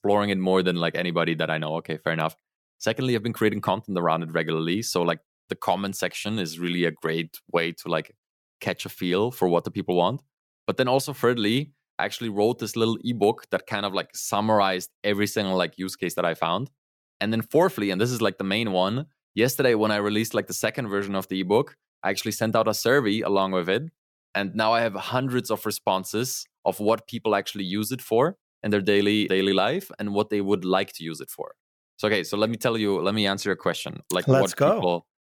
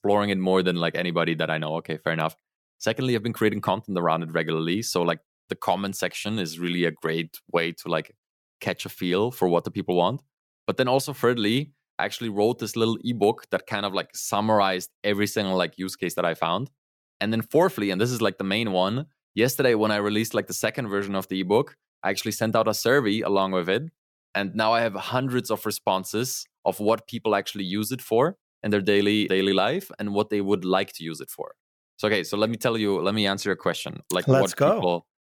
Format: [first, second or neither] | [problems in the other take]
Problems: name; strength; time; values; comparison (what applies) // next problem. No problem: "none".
neither | none